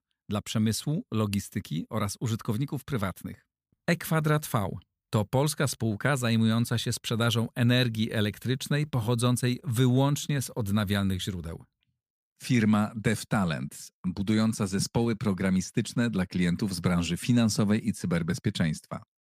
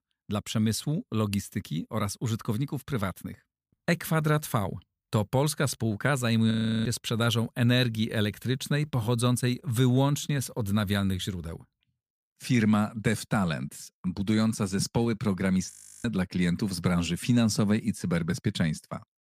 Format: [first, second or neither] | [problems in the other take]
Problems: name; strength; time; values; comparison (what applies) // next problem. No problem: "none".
first | audio freezing; at 6.5 s and at 16 s